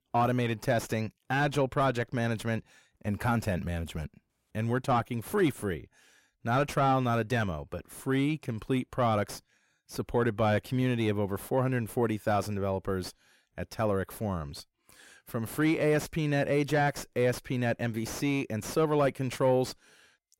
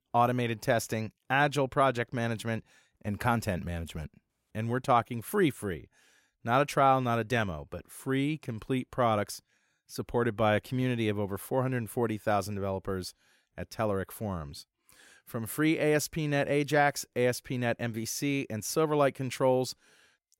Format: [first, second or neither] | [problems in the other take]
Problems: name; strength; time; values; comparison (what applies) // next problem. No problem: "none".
second | distortion; slight; 10 dB below the speech